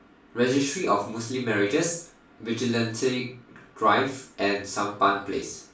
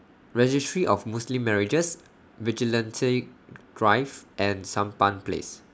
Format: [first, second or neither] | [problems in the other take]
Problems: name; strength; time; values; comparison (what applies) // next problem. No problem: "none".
second | room echo; dies away in 0.3 s